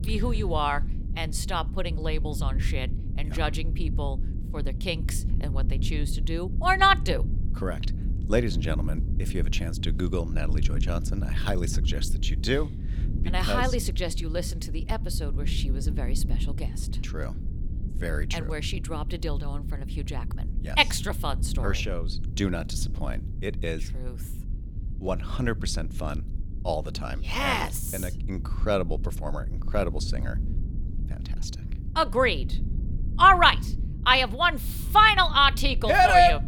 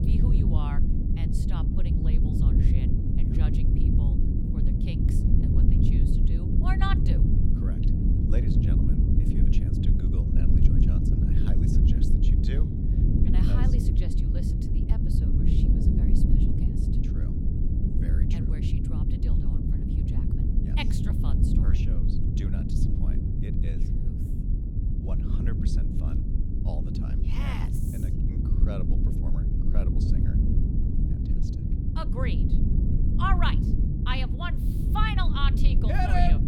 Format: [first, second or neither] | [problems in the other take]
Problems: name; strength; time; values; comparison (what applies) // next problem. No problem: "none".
first | low rumble; loud; throughout; 2 dB below the speech; faint in the first